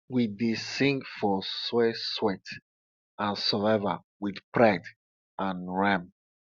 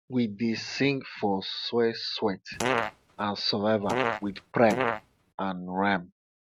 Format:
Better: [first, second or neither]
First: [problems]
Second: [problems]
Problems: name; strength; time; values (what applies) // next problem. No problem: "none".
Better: first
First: none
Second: noise reduction (neural mask model RNNoise)